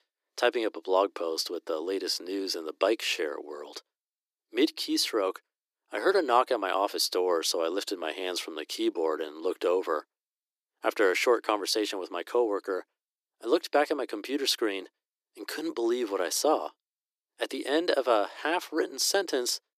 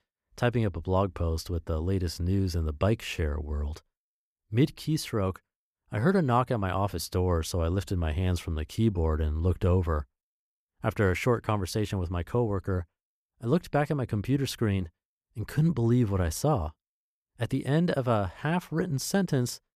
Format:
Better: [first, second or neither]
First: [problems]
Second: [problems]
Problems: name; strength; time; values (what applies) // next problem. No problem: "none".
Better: second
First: thin; very; fading below 300 Hz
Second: none